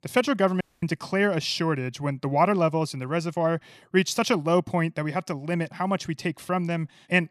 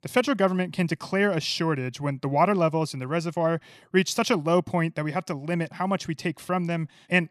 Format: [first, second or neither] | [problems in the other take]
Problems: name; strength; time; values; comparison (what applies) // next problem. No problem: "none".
second | audio cutting out; at 0.5 s